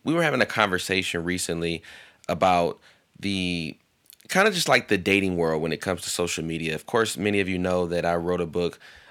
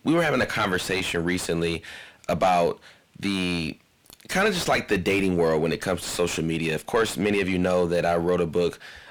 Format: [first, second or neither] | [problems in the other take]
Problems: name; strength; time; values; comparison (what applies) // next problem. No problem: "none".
first | distortion; heavy; 7 dB below the speech